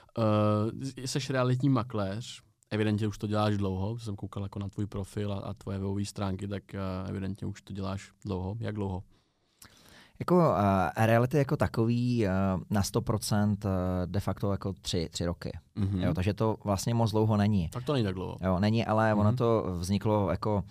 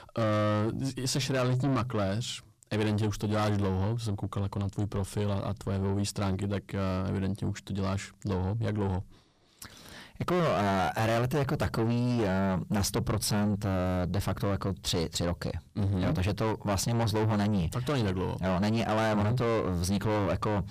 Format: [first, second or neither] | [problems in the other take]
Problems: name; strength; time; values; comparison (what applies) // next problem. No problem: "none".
first | distortion; heavy; 6 dB below the speech